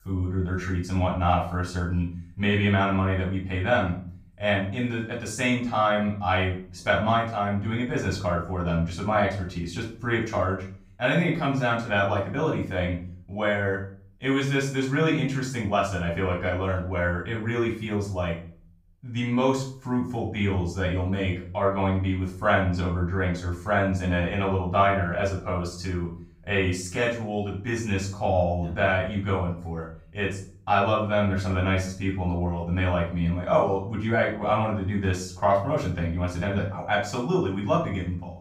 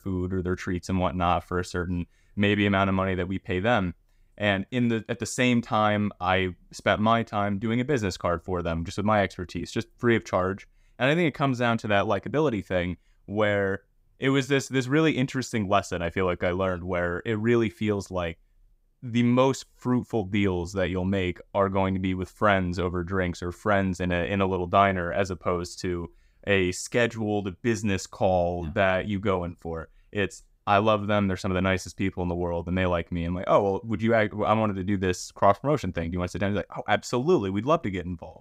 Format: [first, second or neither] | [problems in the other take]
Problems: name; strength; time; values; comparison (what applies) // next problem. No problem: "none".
second | room echo; slight; dies away in 0.4 s // off-mic speech; far